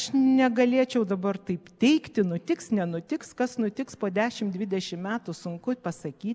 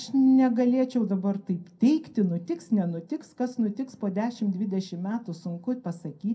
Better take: first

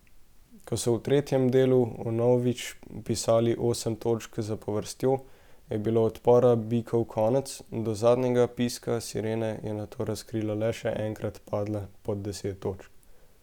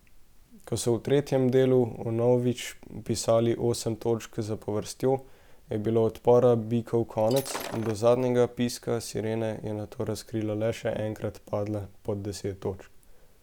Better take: first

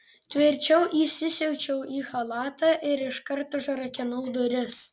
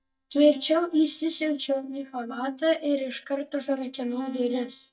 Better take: first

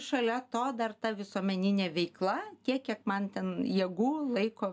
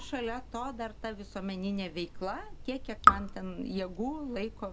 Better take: first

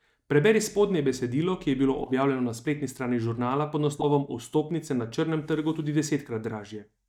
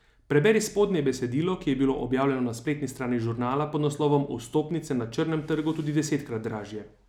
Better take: second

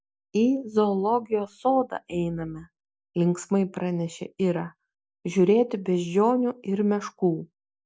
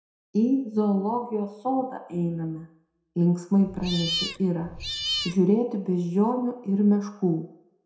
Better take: first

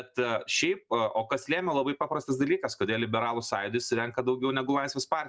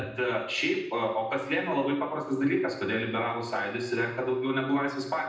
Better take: first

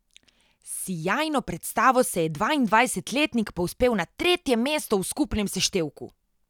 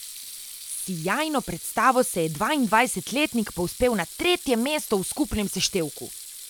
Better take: first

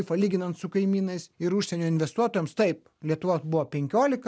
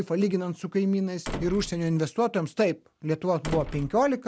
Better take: first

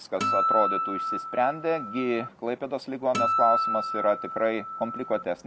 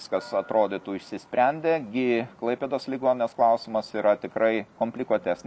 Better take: second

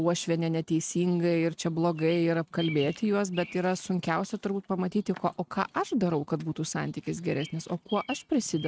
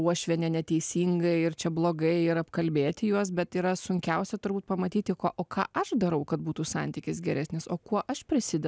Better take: second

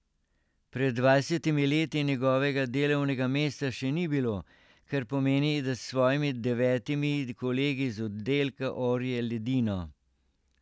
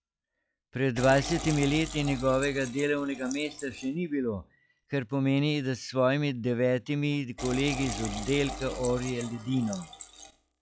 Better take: first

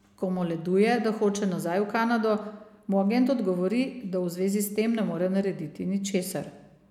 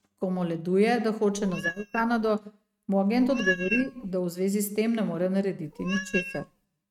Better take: first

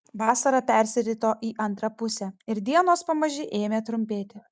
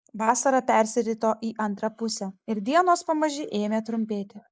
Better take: first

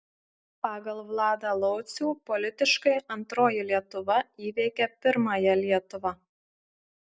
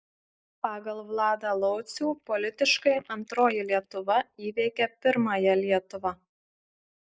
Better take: first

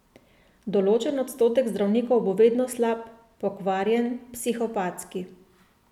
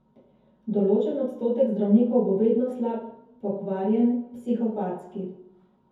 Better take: first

